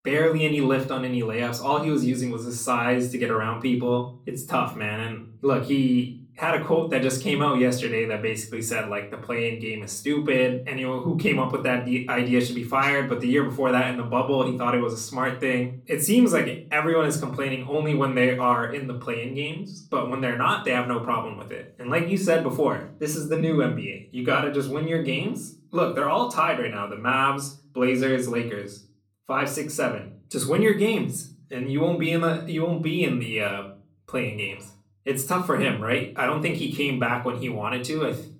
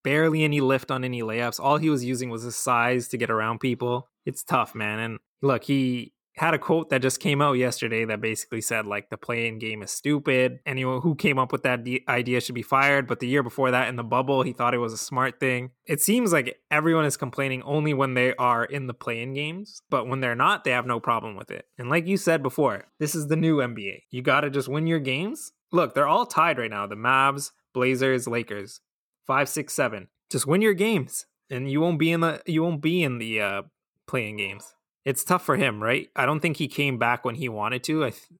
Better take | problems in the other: second | off-mic speech; far // room echo; very slight; dies away in 0.4 s

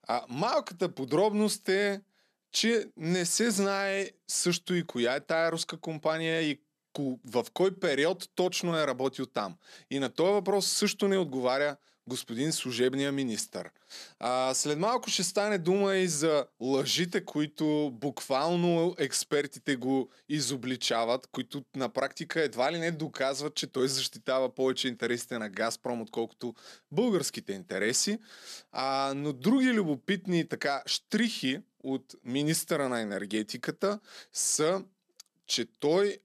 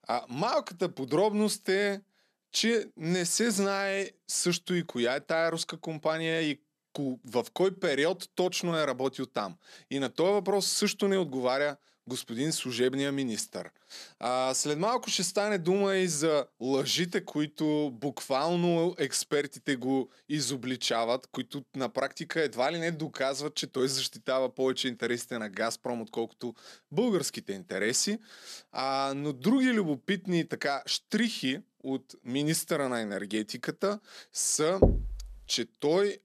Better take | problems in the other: first | door banging; loud; at 35 s; peak 4 dB above the speech

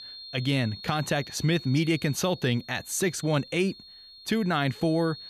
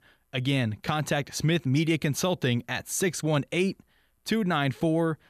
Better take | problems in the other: second | high-pitched whine; noticeable; throughout; 4.5 kHz, 15 dB below the speech

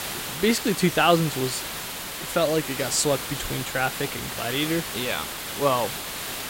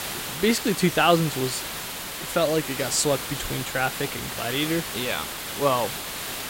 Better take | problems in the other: neither | hiss; loud; throughout; 6 dB below the speech; the same in both

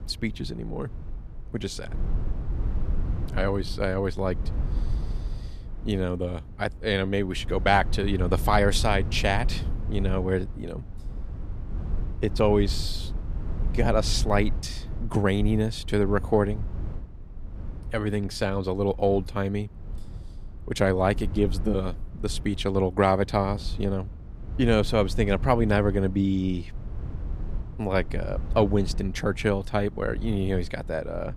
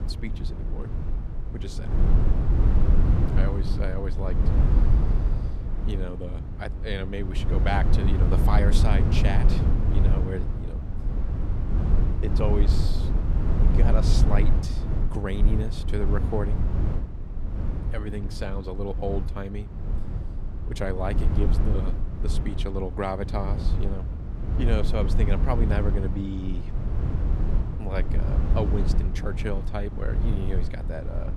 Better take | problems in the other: first | low rumble; loud; throughout; 4 dB below the speech; faint in the first

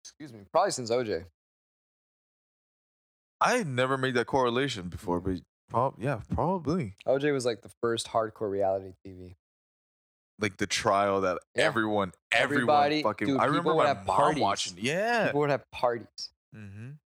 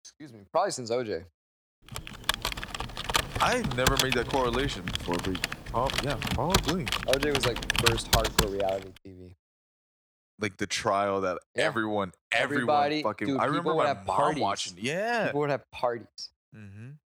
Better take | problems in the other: first | keyboard typing; loud; from 2 to 8.5 s; peak 5 dB above the speech

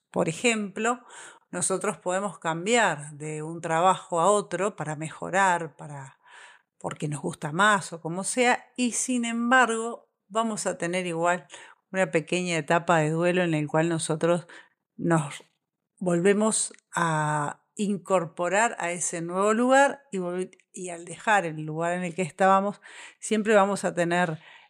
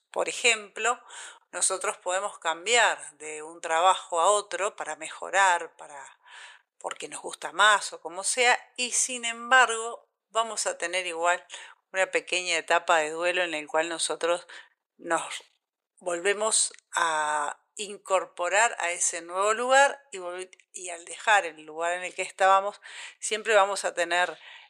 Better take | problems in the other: first | thin; very; fading below 500 Hz

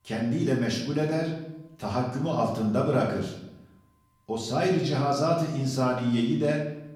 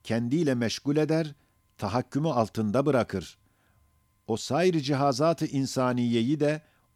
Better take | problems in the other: second | room echo; noticeable; dies away in 0.7 s // off-mic speech; far

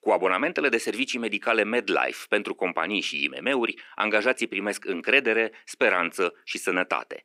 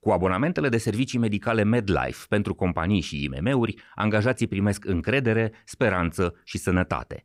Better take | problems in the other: second | thin; somewhat; fading below 300 Hz

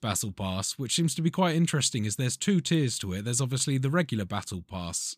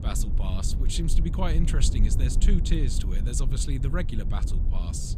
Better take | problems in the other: first | low rumble; loud; throughout; 8 dB below the speech

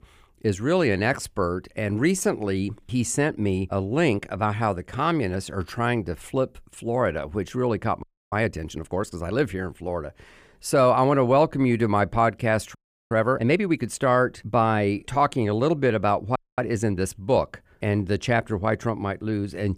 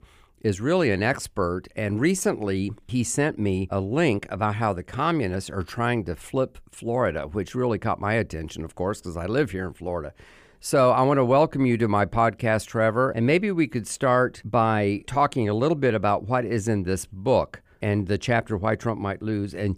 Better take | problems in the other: second | audio freezing; at 8 s, at 13 s and at 16 s

